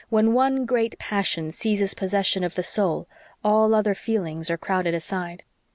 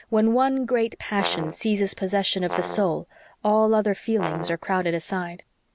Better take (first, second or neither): first